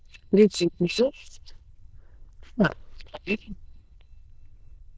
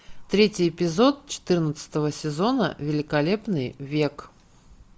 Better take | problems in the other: second | noise reduction (neural diffusion model UNIVERSE++)

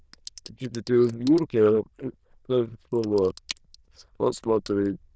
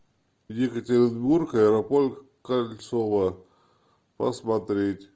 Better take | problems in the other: second | noise reduction (neural diffusion model UNIVERSE++)

